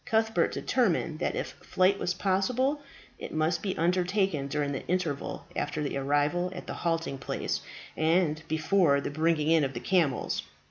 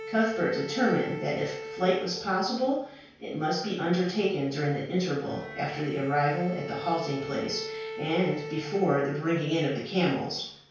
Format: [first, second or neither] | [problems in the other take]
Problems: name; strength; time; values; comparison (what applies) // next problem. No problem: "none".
first | background sound (Bowed string instrument); 12 dB below the speech // room echo; dies away in 0.5 s